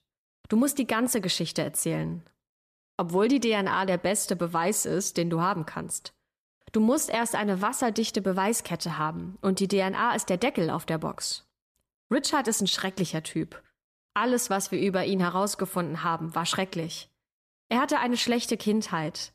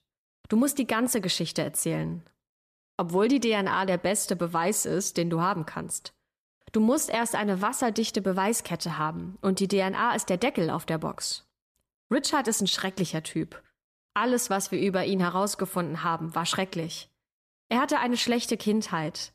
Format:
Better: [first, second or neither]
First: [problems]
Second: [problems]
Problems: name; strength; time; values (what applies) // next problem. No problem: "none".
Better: neither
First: none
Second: none